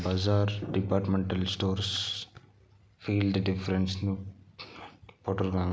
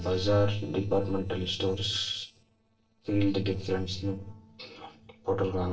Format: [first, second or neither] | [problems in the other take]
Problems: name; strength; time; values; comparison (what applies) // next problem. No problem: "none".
first | noise reduction (neural separator model SepFormer DNS4)